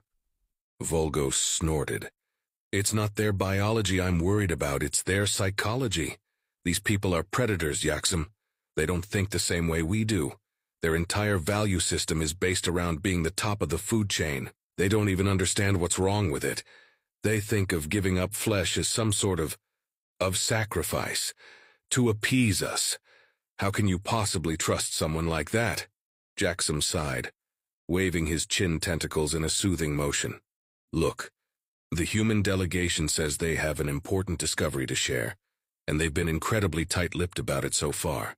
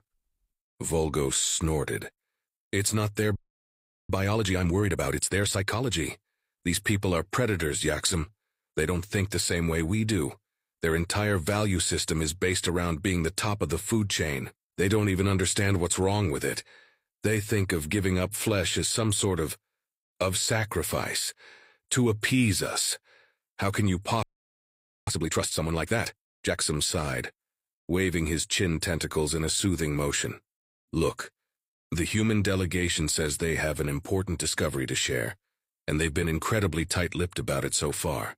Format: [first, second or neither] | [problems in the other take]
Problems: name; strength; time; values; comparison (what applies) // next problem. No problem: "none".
first | audio freezing; at 3.5 s for 0.5 s and at 24 s for 1 s